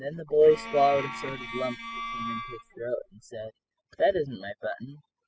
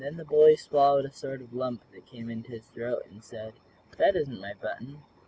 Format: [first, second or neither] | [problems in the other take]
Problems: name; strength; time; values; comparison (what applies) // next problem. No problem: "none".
second | noise reduction (classical method spectral subtraction)